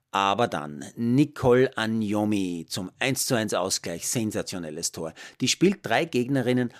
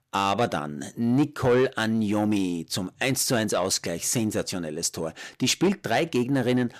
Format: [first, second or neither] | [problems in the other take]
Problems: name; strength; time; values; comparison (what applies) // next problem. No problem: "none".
first | distortion; slight; 10 dB below the speech